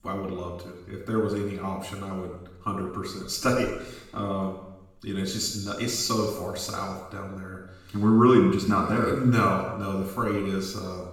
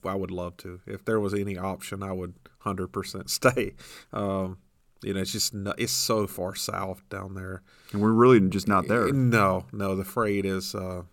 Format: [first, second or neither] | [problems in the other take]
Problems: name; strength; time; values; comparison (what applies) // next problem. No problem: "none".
second | room echo; noticeable; dies away in 0.9 s // off-mic speech; far